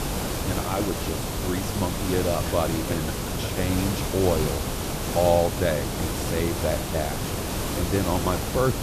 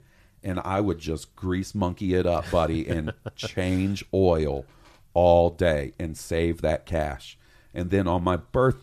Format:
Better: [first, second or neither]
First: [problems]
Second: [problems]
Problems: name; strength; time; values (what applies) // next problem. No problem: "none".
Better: second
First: hiss; loud; throughout; 1 dB below the speech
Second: none